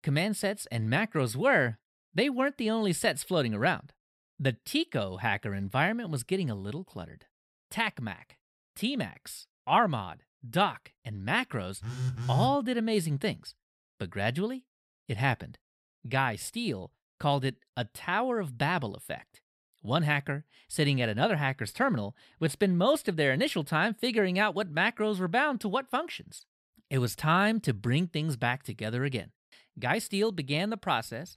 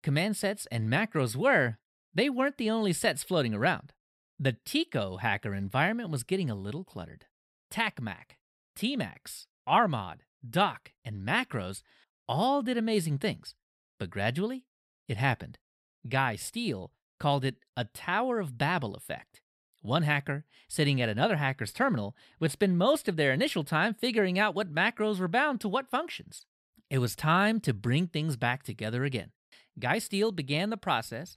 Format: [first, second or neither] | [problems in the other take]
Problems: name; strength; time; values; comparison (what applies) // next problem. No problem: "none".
second | phone ringing; noticeable; at 12 s; peak 1 dB below the speech